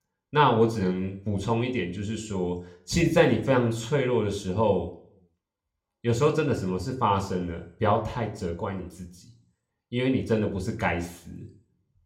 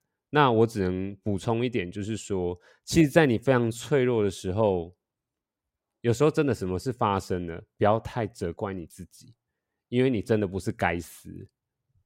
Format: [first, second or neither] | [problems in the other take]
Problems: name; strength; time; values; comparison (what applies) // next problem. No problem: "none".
second | room echo; very slight; dies away in 0.4 s